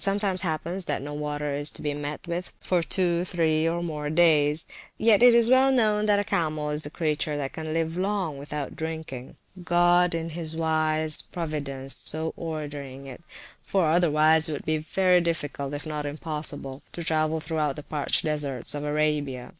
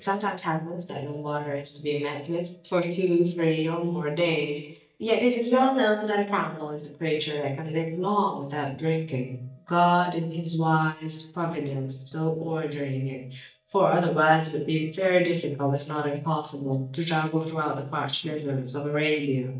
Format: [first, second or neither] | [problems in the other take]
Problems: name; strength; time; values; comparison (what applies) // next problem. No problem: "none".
first | noise reduction (neural mask model DeepFilterNet 3)